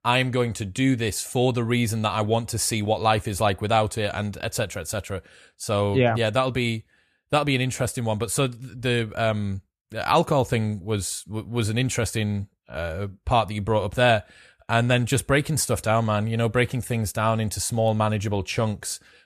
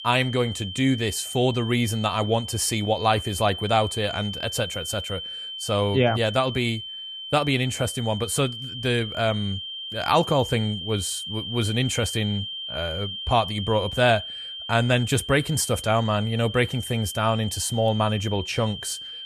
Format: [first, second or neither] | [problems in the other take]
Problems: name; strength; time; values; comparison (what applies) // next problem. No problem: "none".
first | high-pitched whine; loud; throughout; 3 kHz, 8 dB below the speech